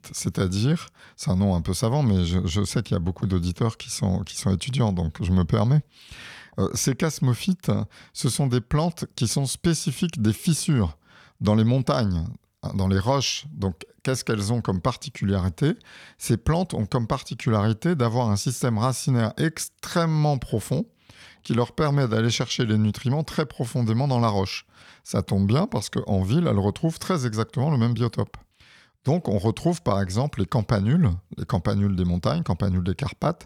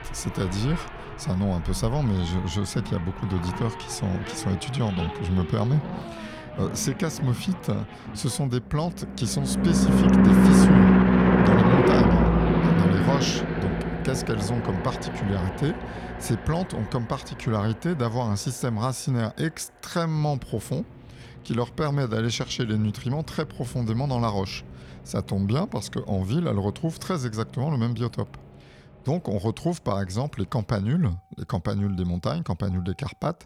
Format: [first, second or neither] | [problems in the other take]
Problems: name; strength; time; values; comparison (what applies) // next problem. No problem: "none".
first | traffic noise; very loud; throughout; 5 dB above the speech